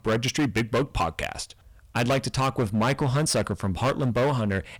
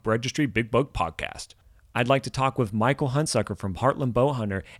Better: second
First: distortion; heavy; 13% of the sound clipped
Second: none

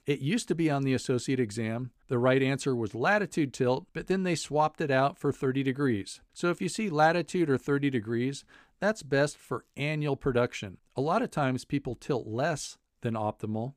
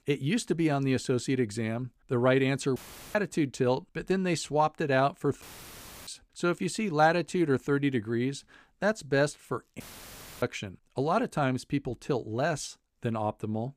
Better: first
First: none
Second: audio cutting out; filled with static; at 3 s, at 5.5 s for 0.5 s and at 10 s for 0.5 s

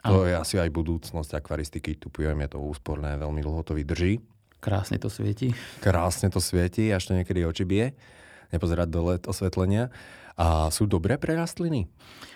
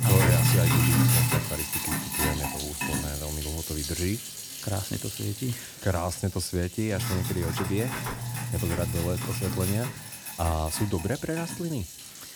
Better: first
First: none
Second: household noises; very loud; throughout; 3 dB above the speech

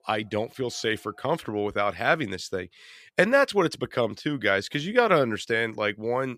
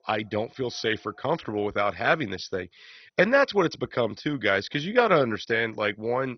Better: first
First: none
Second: garbled, watery; badly; nothing above 6 kHz

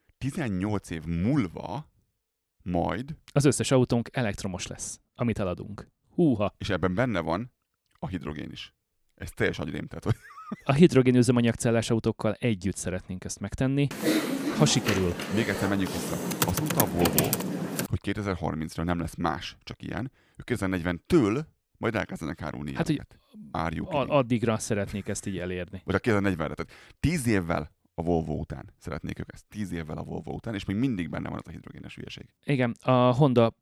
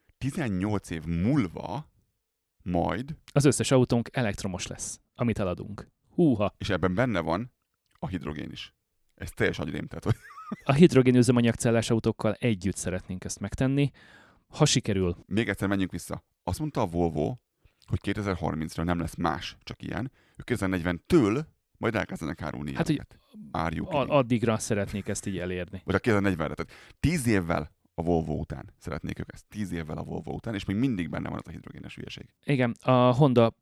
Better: second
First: keyboard typing; loud; from 14 to 18 s; peak 3 dB above the speech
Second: none

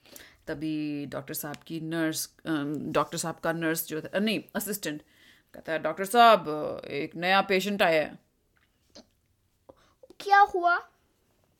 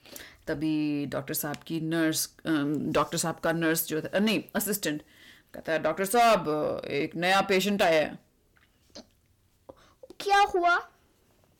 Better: first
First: none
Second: distortion; heavy; 8 dB below the speech

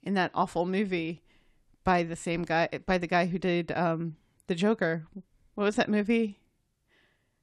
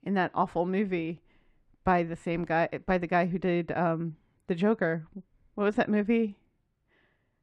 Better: first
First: none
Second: muffled; slightly; fading above 3.5 kHz

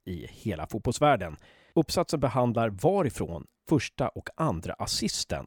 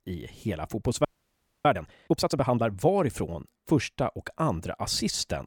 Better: first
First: none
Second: audio freezing; at 1 s for 0.5 s

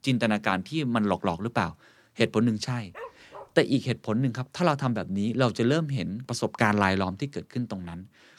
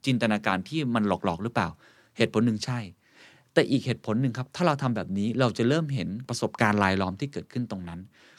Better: second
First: dog barking; faint; at 3 s; peak 15 dB below the speech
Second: none

